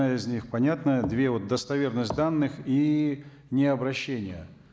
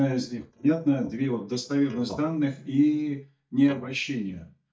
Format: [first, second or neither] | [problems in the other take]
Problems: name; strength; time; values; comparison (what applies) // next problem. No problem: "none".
first | noise reduction (neural mask model DeepFilterNet 3)